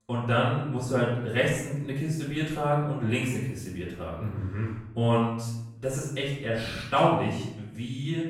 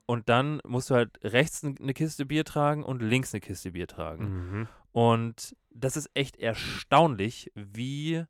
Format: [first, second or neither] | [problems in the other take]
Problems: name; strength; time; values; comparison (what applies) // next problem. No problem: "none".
second | off-mic speech; far // room echo; noticeable; dies away in 0.7 s